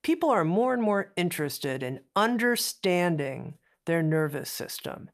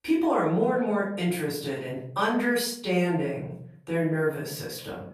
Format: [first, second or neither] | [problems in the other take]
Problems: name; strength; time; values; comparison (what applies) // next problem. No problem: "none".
first | off-mic speech; far // room echo; slight; dies away in 0.5 s